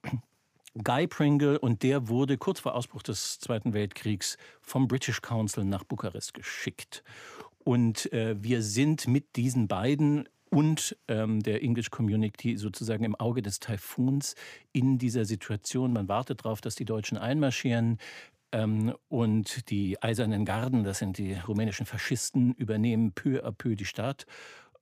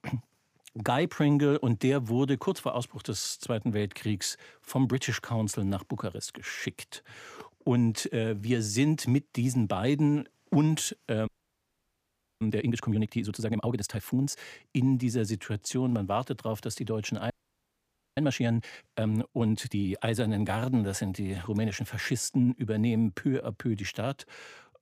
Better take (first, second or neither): first